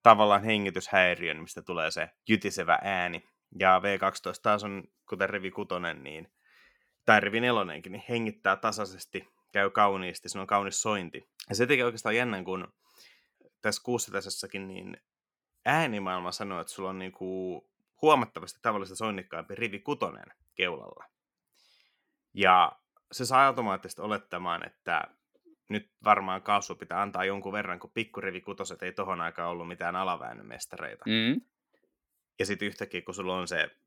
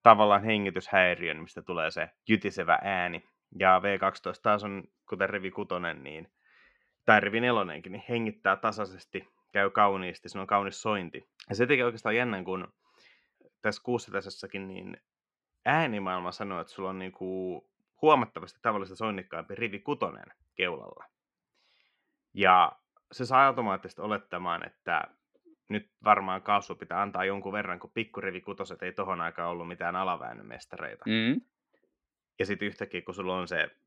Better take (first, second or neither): first